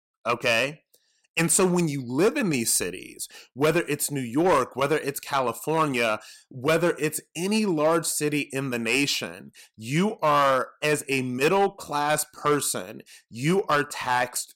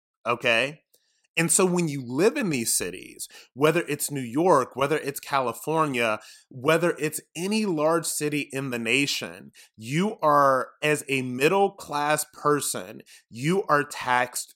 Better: second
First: distortion; slight; 3% of the sound clipped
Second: none

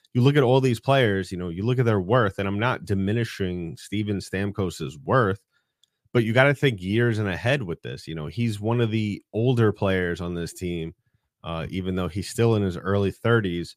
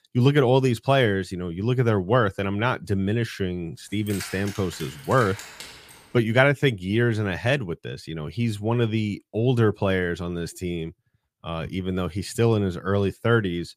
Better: first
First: none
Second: jangling keys; faint; from 4 to 6 s; peak 10 dB below the speech

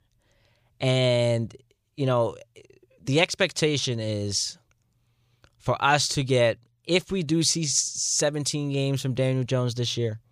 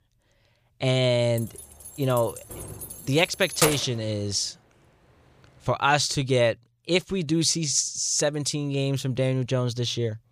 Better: first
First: none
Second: jangling keys; loud; from 1.5 to 4 s; peak level with the speech

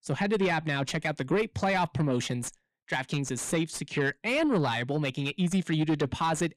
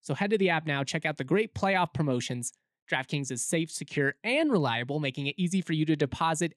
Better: second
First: distortion; slight; 10 dB below the speech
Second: none

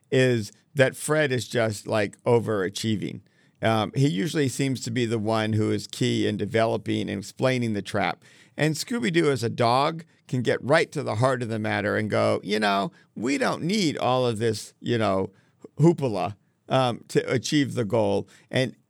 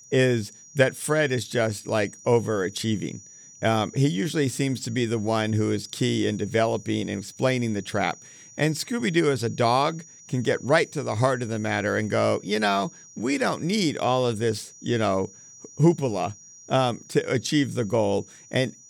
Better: first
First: none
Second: high-pitched whine; faint; throughout; 6 kHz, 20 dB below the speech

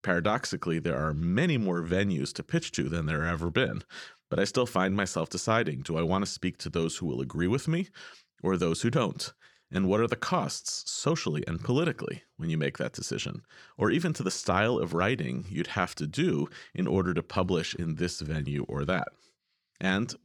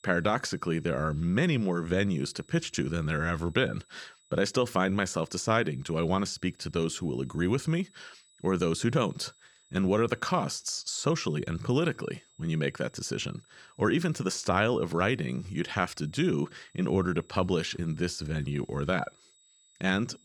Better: first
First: none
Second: high-pitched whine; faint; throughout; 8 kHz, 30 dB below the speech

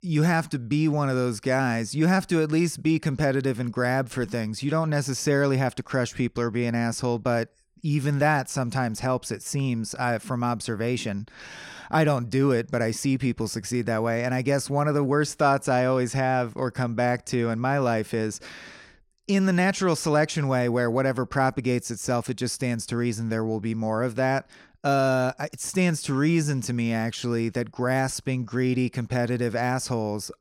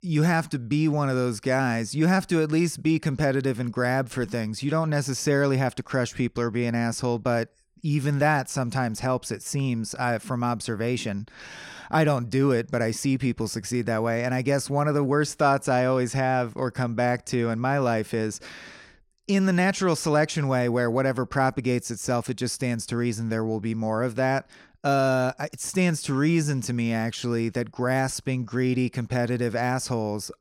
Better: neither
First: none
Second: none

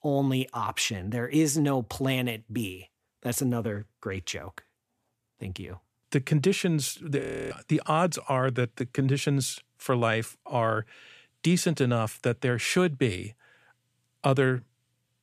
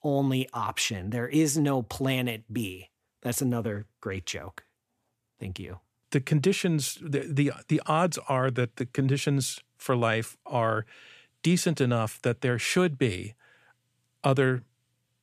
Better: second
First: audio freezing; at 7 s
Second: none

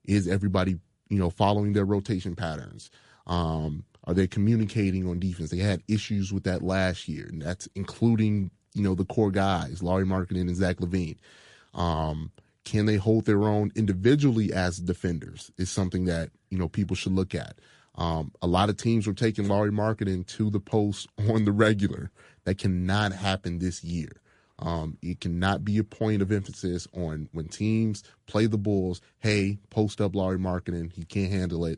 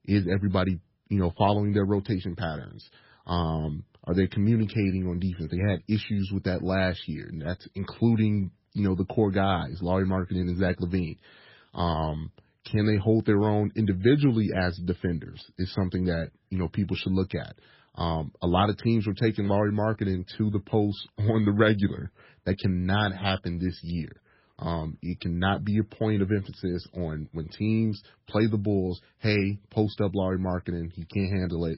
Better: first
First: garbled, watery; slightly; nothing above 9 kHz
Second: garbled, watery; badly; nothing above 5.5 kHz

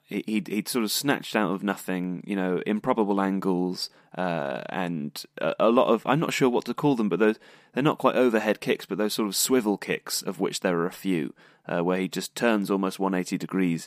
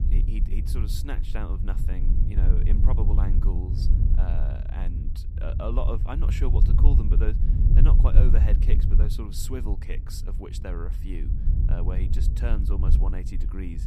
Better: first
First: none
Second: low rumble; loud; throughout; 3 dB below the speech

